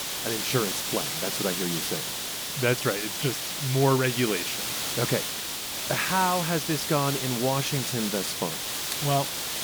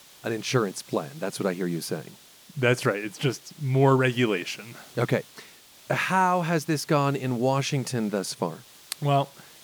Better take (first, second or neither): second